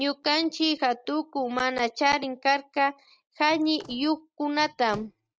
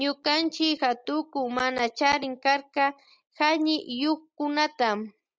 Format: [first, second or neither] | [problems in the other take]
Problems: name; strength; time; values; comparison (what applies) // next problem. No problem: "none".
second | noise reduction (neural mask model RNNoise)